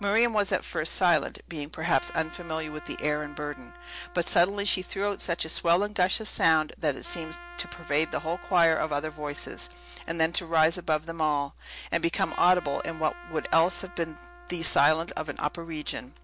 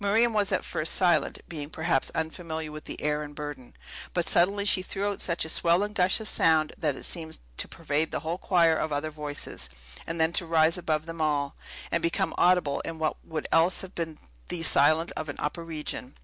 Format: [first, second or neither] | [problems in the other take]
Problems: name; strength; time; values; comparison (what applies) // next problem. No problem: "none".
second | background sound (Trumpet); 20 dB below the speech